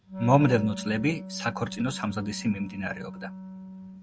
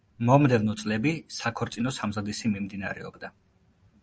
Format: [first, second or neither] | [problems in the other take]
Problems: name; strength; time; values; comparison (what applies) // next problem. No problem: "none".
second | background sound (Wind instrument, woodwind instrument); 11 dB below the speech